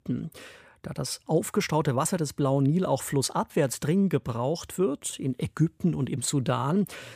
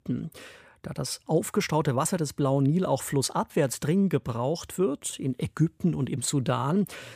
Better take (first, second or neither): neither